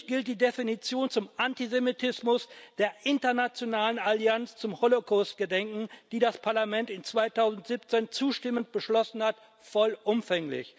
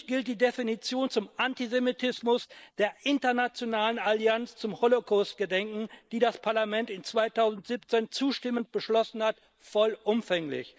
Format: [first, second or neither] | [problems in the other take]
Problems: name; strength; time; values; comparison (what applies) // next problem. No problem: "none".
first | noise reduction (neural mask model Resemble Enhance denoiser)